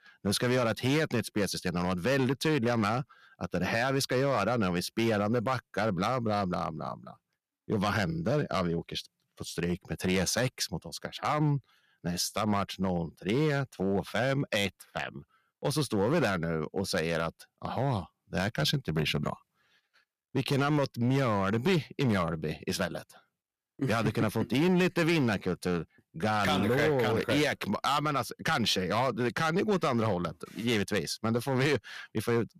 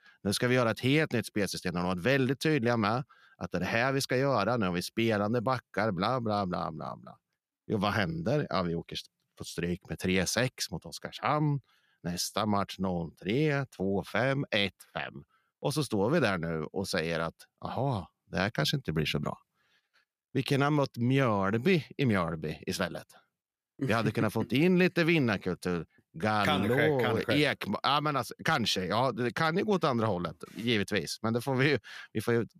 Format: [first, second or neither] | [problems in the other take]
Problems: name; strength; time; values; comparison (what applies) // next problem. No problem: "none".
second | distortion; slight; 5% of the sound clipped